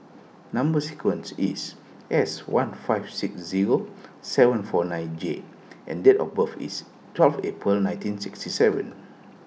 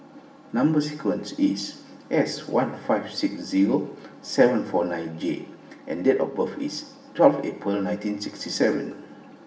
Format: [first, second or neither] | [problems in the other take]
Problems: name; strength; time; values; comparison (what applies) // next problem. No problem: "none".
first | room echo; dies away in 0.7 s